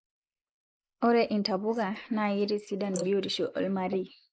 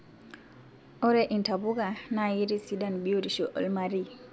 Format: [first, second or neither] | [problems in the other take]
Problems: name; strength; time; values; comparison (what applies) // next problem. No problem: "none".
second | noise reduction (neural mask model Resemble Enhance denoiser)